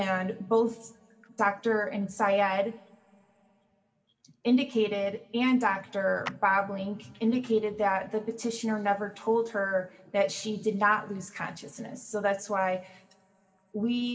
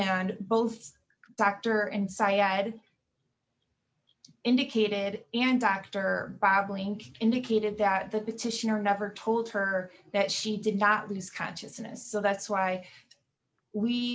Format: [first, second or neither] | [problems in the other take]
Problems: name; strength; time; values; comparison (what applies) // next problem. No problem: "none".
second | background sound (Clapping); 17 dB below the speech // room echo; dies away in 1.9 s